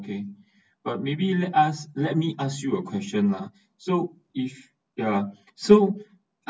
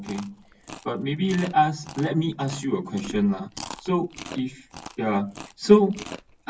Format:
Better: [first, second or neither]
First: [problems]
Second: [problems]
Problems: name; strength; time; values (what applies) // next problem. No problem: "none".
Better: first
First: none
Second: background sound (Chewing, mastication); 17 dB below the speech